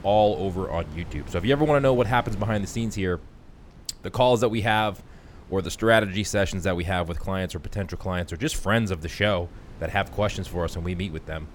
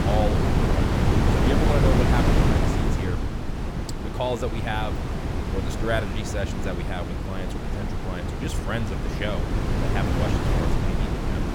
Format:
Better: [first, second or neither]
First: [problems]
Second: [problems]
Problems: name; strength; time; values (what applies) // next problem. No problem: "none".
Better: first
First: wind noise on the microphone; occasional gusts; 25 dB below the speech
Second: wind noise on the microphone; heavy; 1 dB above the speech